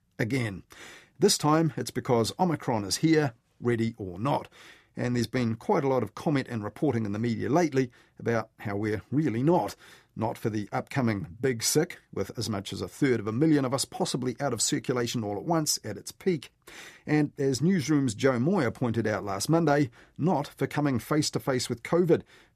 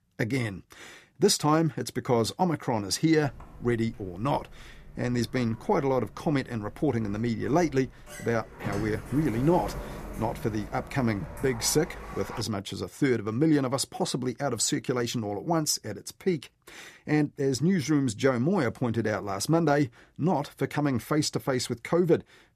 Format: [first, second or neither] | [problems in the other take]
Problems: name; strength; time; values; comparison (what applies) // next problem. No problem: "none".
first | door banging; noticeable; from 3 to 12 s; peak 9 dB below the speech